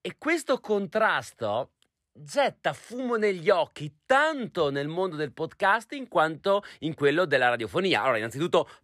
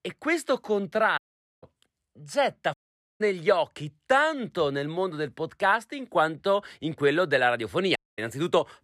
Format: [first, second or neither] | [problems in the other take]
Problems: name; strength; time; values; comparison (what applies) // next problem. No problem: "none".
first | audio cutting out; at 1 s, at 2.5 s and at 8 s